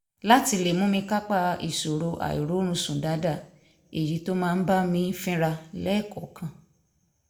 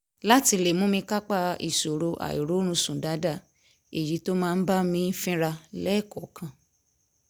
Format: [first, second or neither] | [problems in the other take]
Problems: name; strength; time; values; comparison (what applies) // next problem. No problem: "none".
second | room echo; dies away in 0.5 s